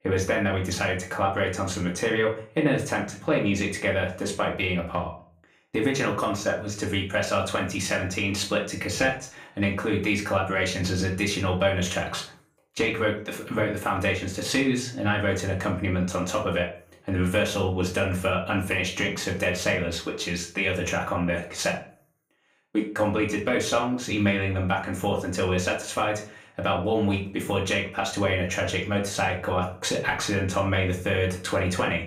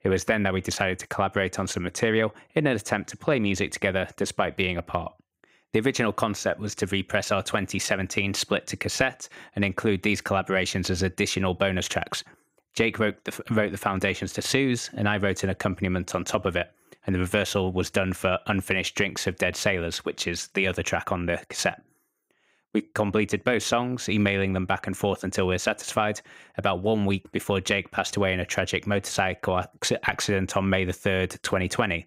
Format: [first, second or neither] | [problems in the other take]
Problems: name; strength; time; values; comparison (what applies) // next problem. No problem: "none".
second | off-mic speech; far // room echo; slight; dies away in 0.3 s